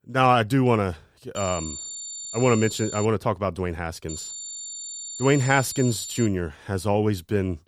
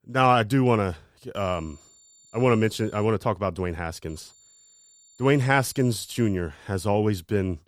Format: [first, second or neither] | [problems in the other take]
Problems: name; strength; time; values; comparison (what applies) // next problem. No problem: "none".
second | high-pitched whine; loud; from 1.5 to 3 s and from 4 to 6.5 s; 7 kHz, 10 dB below the speech; faint in the second